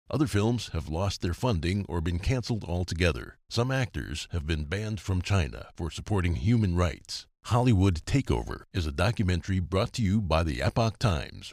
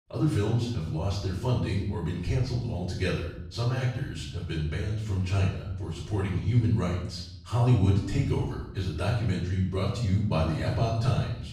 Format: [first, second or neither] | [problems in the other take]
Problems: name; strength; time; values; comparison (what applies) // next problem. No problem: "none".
first | off-mic speech; far // room echo; noticeable; dies away in 0.8 s